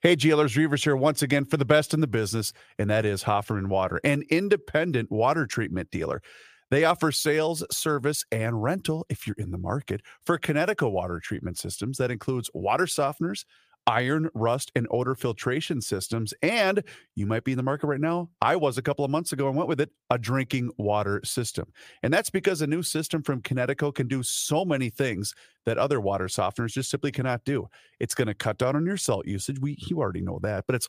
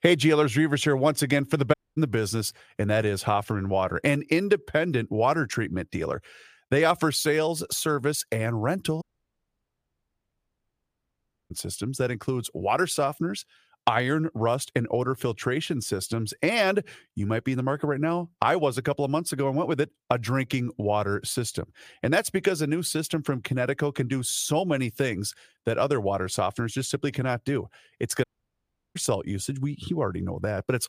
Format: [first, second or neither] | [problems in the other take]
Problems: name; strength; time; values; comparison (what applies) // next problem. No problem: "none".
first | audio cutting out; at 1.5 s, at 9 s for 2.5 s and at 28 s for 0.5 s